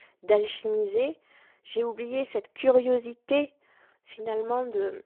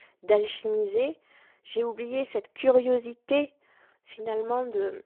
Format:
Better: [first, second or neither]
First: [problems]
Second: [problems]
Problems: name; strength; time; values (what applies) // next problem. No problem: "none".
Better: neither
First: phone-call audio; poor line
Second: phone-call audio; poor line